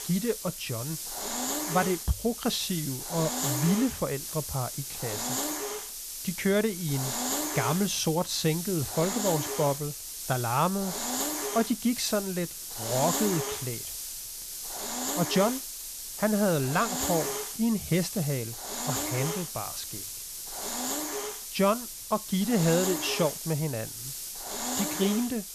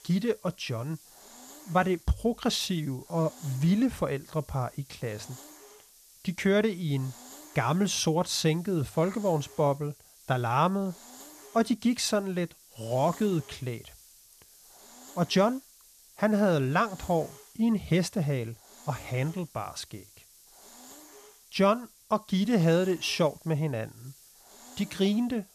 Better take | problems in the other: second | hiss; loud; throughout; 3 dB below the speech; faint in the second

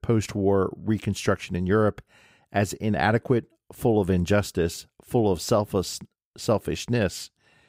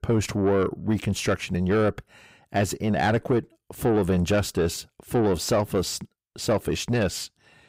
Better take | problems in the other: first | distortion; slight; 9 dB below the speech

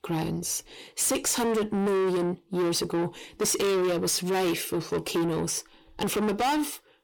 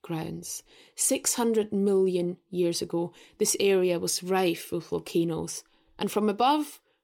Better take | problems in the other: second | distortion; heavy; 7 dB below the speech

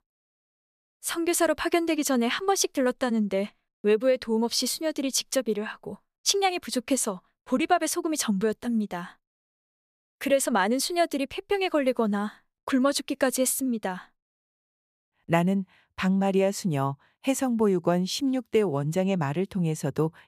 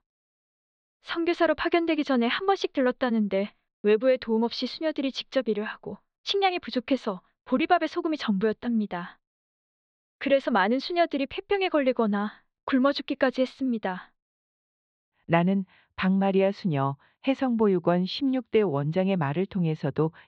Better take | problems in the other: first | muffled; slightly; fading above 4 kHz

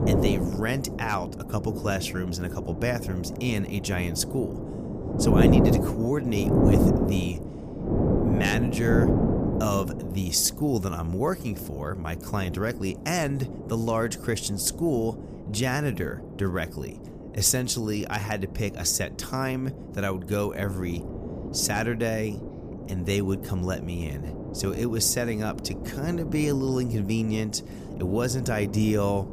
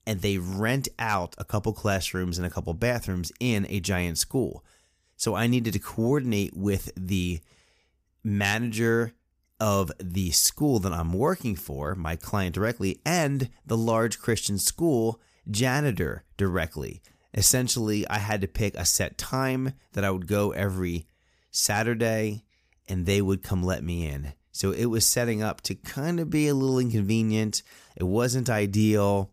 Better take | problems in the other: second | wind noise on the microphone; heavy; 4 dB below the speech

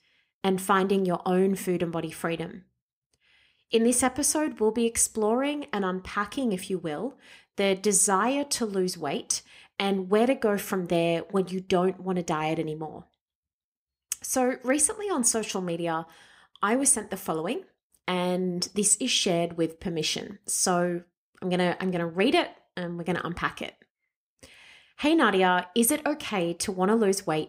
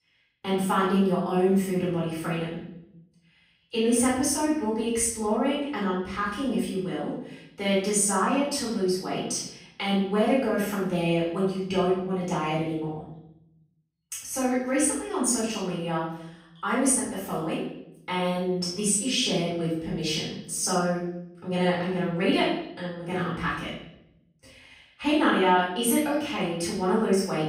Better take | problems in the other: first | off-mic speech; far // room echo; noticeable; dies away in 0.8 s

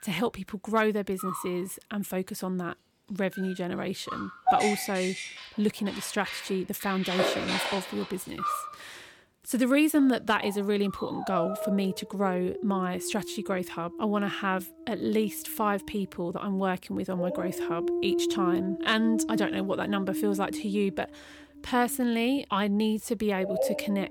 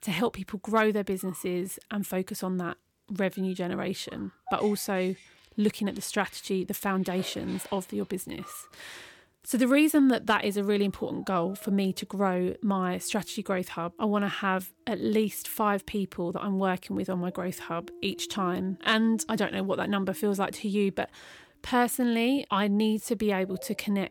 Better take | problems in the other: second | animal sounds; loud; throughout; 4 dB below the speech; faint in the second

